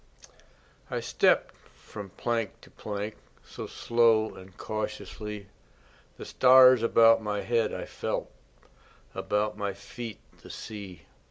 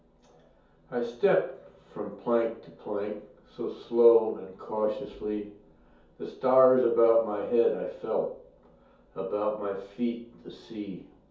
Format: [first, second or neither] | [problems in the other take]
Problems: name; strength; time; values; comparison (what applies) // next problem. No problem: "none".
first | room echo; dies away in 0.6 s